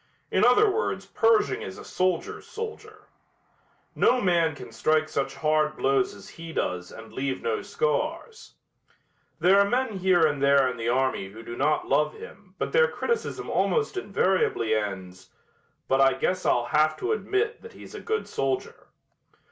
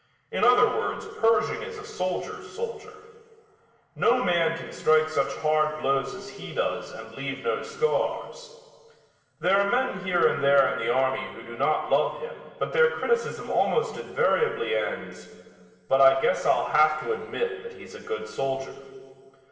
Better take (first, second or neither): first